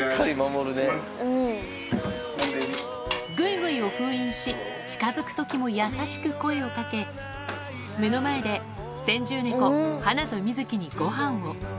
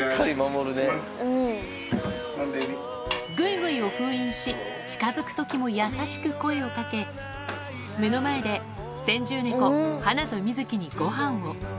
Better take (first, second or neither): second